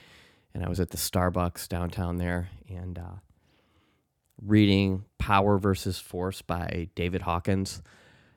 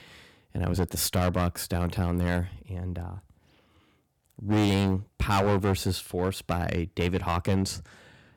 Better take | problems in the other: first | distortion; heavy; 7% of the sound clipped

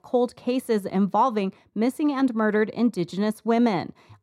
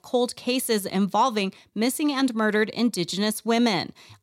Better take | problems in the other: second | muffled; slightly; fading above 2 kHz

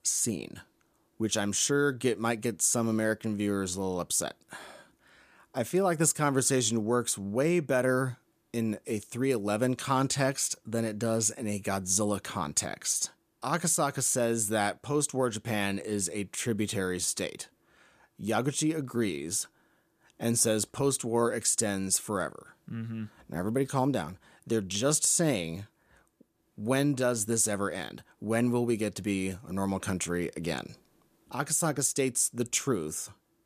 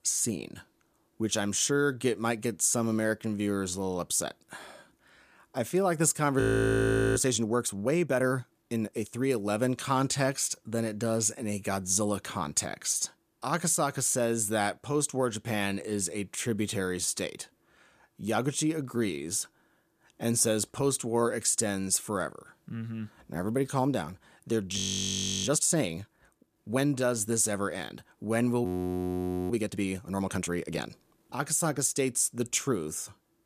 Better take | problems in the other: first | audio freezing; at 6.5 s for 1 s, at 25 s for 0.5 s and at 29 s for 1 s

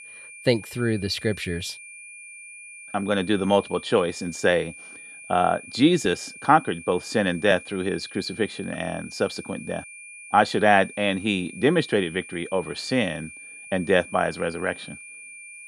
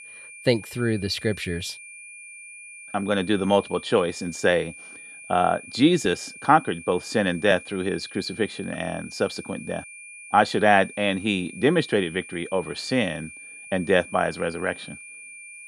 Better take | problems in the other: neither | high-pitched whine; noticeable; throughout; 2.5 kHz, 15 dB below the speech; the same in both

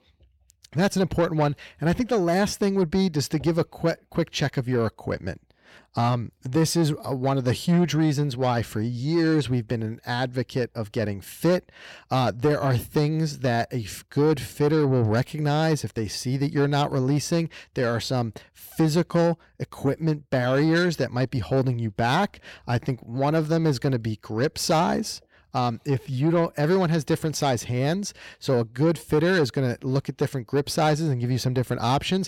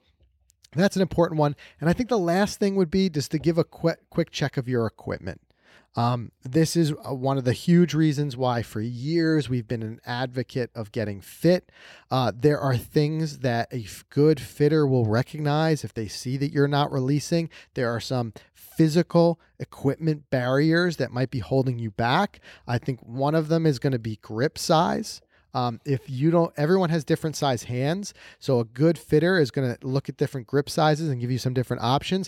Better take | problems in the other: second | distortion; slight; 10 dB below the speech

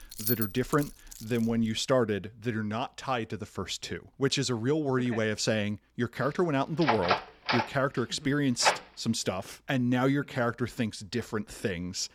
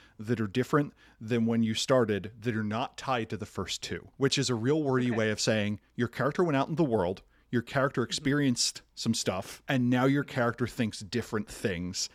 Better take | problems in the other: second | jangling keys; loud; until 1.5 s; peak level with the speech // door banging; loud; from 7 to 9 s; peak 2 dB above the speech

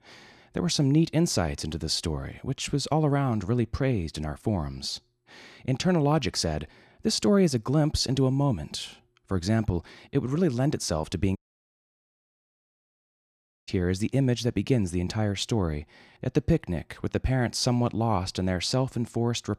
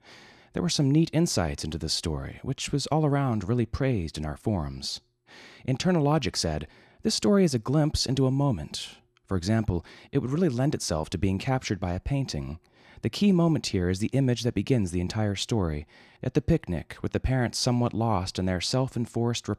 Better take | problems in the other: second | audio cutting out; at 11 s for 2.5 s

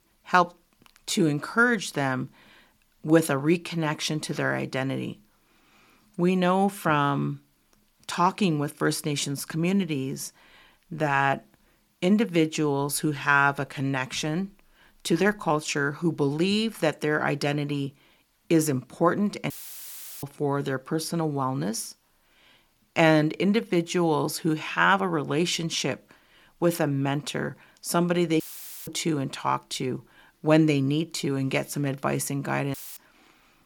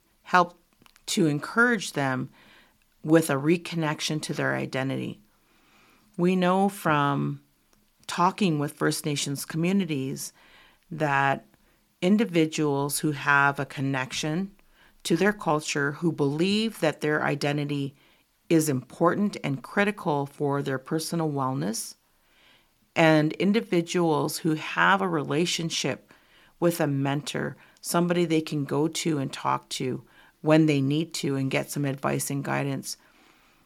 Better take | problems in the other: second | audio cutting out; filled with static; at 20 s for 0.5 s, at 28 s and at 33 s

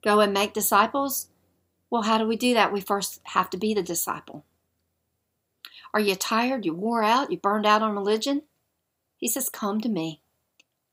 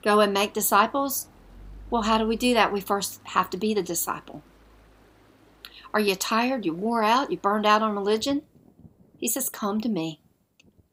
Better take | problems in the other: first | rain or running water; faint; throughout; 30 dB below the speech

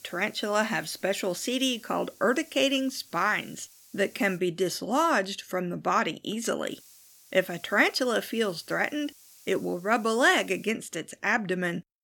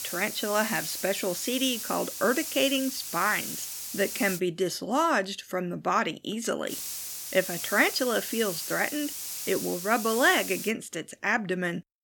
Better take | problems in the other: first | hiss; loud; until 4.5 s and from 6.5 to 11 s; 6 dB below the speech; faint in the first

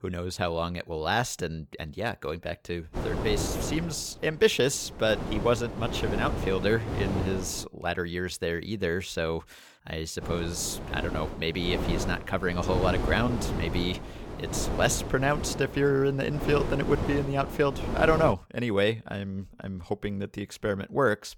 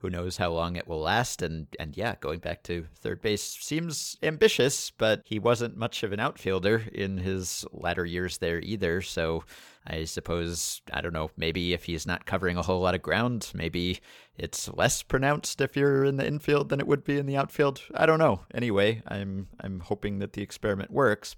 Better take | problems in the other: second | wind noise on the microphone; heavy; from 3 to 7.5 s and from 10 to 18 s; 8 dB below the speech

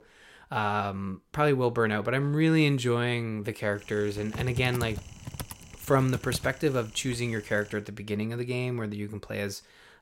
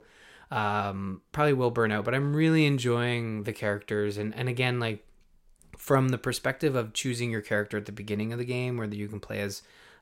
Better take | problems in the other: second | keyboard typing; noticeable; from 4 to 7 s; peak 7 dB below the speech

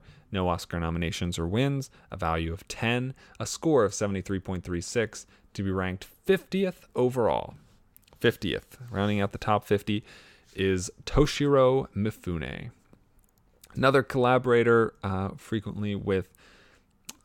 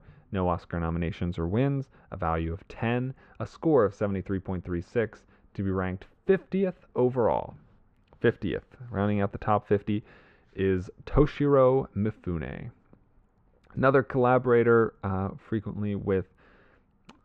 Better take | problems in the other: first | muffled; very; fading above 1.5 kHz

